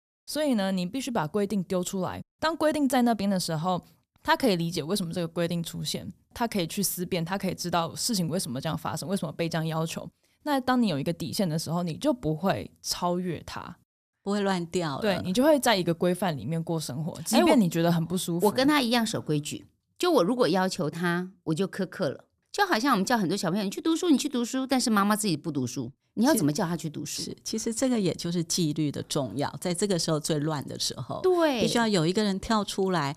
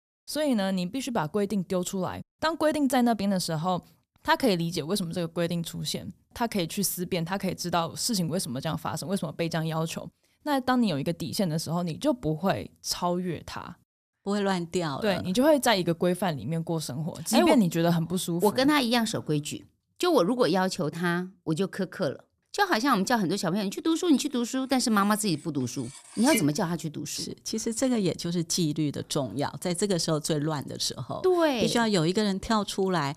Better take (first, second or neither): first